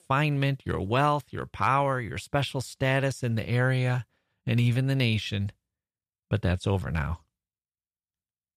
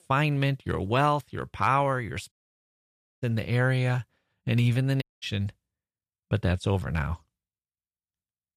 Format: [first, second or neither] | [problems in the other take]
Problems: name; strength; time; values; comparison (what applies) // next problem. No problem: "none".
first | audio cutting out; at 2.5 s for 1 s and at 5 s